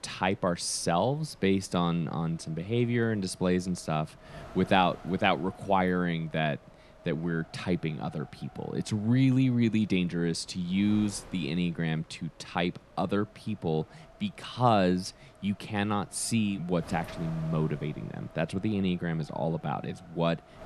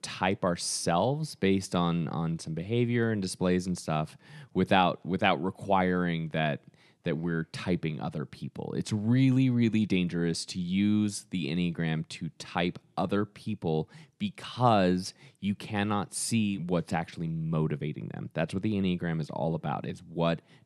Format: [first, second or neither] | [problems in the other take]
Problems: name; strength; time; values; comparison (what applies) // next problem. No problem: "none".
second | wind noise on the microphone; occasional gusts; 20 dB below the speech